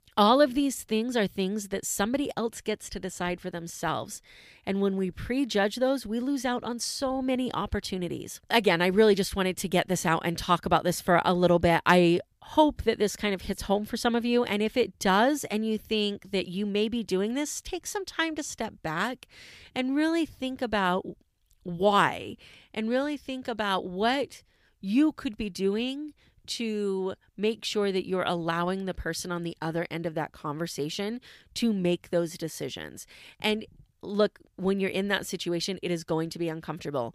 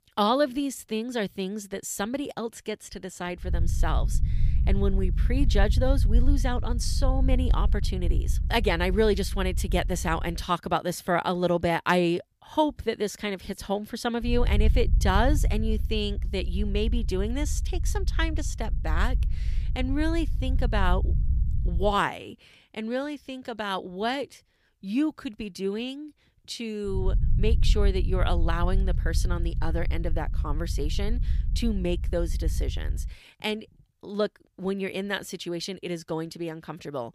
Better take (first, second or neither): first